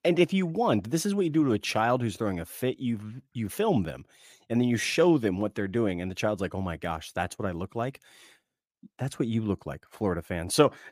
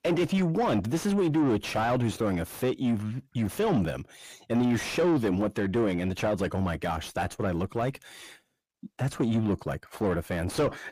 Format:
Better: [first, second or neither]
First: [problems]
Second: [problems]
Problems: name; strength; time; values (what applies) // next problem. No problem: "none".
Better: first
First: none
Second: distortion; heavy; 7 dB below the speech